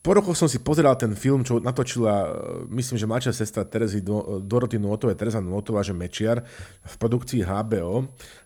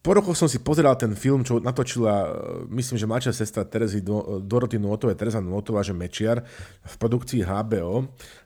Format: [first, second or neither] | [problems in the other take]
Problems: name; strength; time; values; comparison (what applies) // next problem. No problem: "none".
second | high-pitched whine; faint; throughout; 11 kHz, 30 dB below the speech